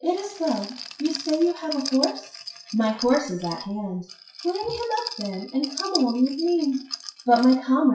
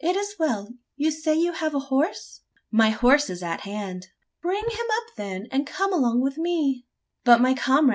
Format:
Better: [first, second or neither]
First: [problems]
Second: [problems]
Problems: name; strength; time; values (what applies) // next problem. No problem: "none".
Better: second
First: noise reduction (classical method WPE with log-MMSE)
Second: none